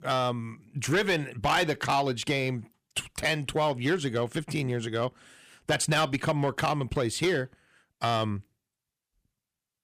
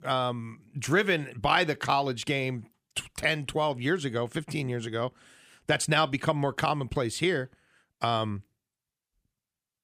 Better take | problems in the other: second | distortion; slight; 4% of the sound clipped

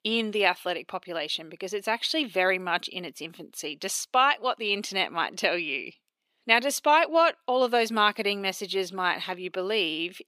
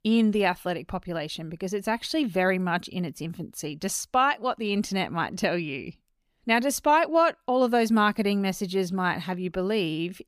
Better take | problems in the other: second | thin; somewhat; fading below 400 Hz

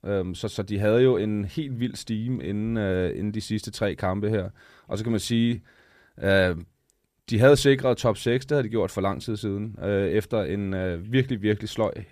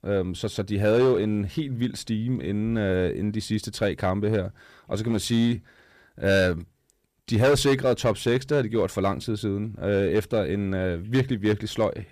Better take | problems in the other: first | distortion; slight; 4% of the sound clipped

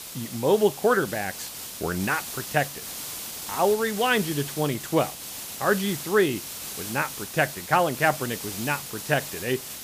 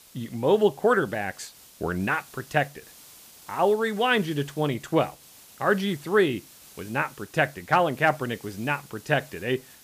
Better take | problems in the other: second | hiss; loud; throughout; 8 dB below the speech; faint in the second

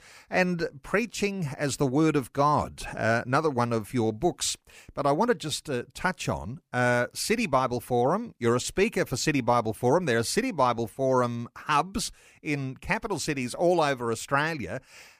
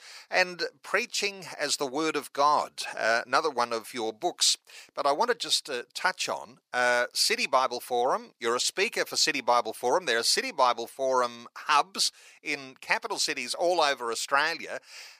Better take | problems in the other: first | thin; somewhat; fading below 550 Hz

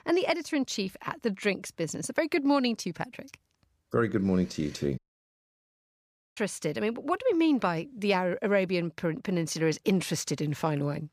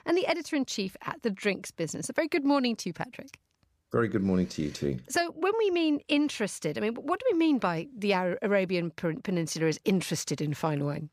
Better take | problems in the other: second | audio cutting out; at 5 s for 1.5 s

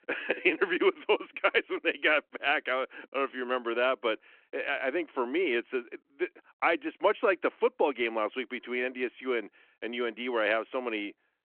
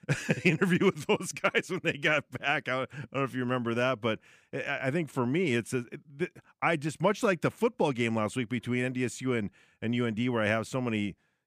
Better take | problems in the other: second | phone-call audio

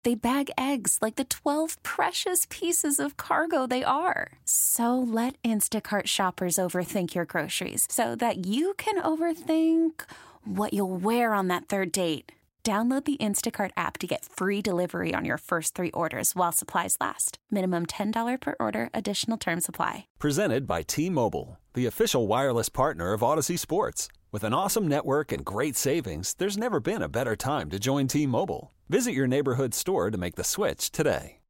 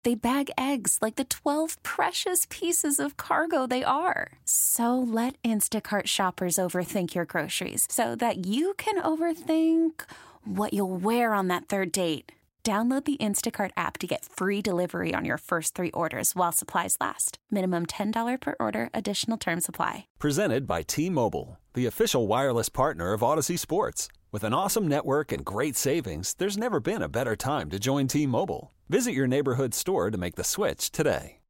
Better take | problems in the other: neither | none

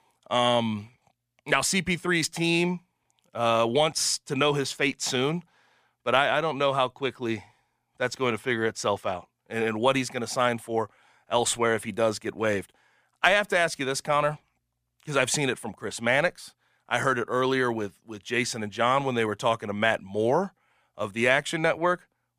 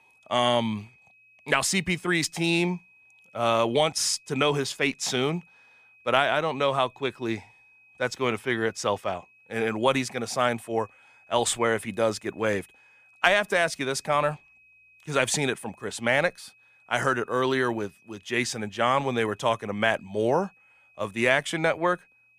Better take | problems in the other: first | high-pitched whine; faint; throughout; 2.5 kHz, 30 dB below the speech

